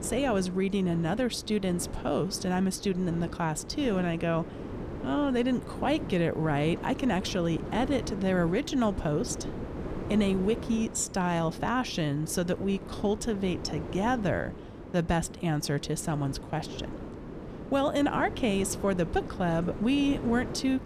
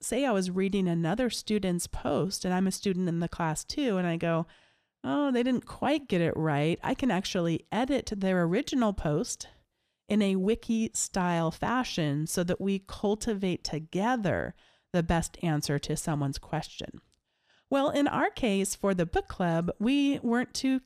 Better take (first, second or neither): second